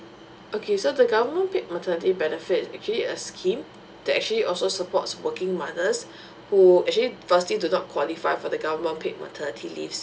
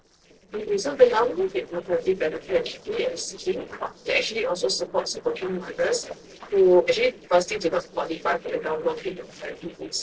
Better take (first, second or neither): first